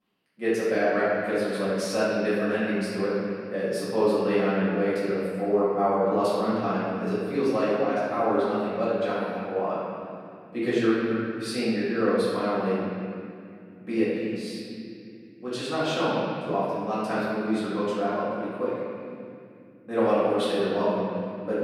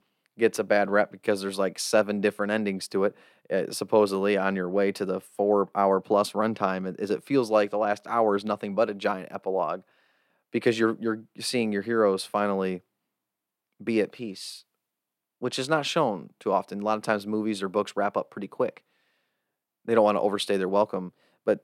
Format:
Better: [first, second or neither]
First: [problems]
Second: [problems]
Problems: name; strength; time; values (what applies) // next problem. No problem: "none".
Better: second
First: off-mic speech; far // room echo; strong; dies away in 2.7 s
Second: none